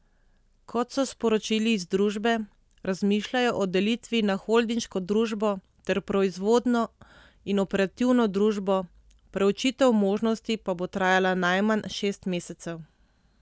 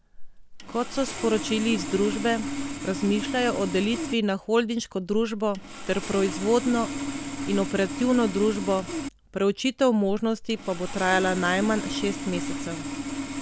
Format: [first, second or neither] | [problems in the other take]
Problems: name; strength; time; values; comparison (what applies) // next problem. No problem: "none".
first | background sound (Sawing); 7 dB below the speech